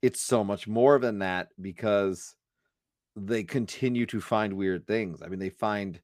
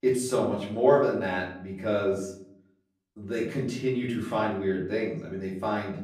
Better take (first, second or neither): first